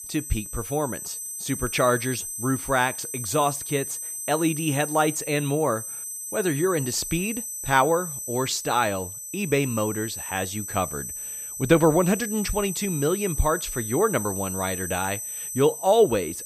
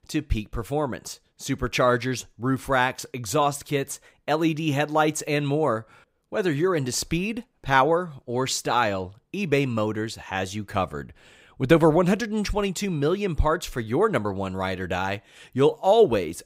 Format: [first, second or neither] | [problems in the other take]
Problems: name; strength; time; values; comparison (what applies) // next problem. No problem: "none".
second | high-pitched whine; loud; throughout; 8 kHz, 6 dB below the speech